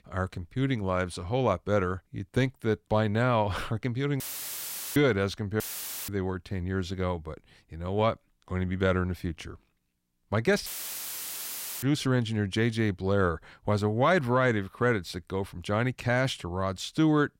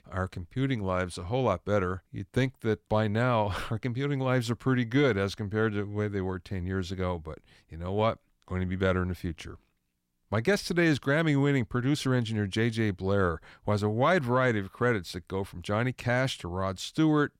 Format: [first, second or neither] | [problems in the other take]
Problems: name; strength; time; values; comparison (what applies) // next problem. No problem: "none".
second | audio cutting out; filled with static; at 4 s for 1 s, at 5.5 s and at 11 s for 1 s